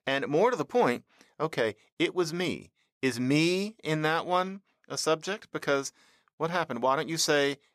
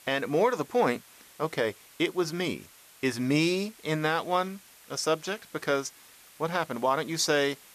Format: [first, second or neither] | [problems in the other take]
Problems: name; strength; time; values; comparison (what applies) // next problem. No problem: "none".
first | hiss; faint; throughout; 25 dB below the speech